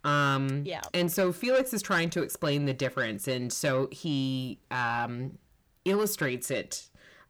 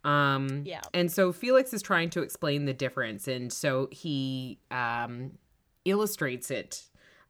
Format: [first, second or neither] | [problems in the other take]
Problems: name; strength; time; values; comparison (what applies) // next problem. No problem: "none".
second | distortion; slight; 10 dB below the speech